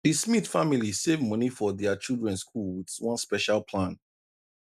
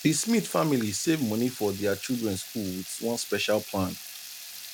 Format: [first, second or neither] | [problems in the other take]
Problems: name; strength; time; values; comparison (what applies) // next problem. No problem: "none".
first | background sound (Water tap, faucet / Liquid); 13 dB below the speech